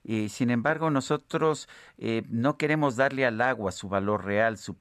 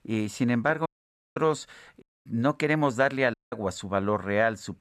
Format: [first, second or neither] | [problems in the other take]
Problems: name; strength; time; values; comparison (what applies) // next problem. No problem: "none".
first | audio cutting out; at 1 s for 0.5 s, at 2 s and at 3.5 s